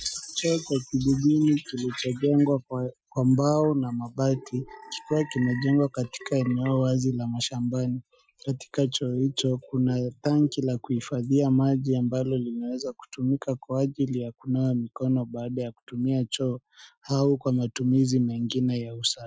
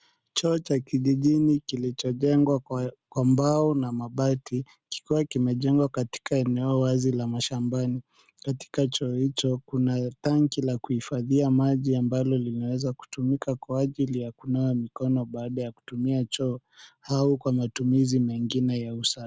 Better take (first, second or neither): second